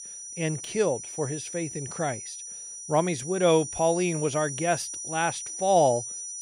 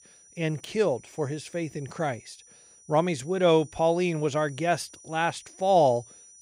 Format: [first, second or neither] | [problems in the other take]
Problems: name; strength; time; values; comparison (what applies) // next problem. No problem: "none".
second | high-pitched whine; loud; throughout; 6 kHz, 8 dB below the speech; faint in the second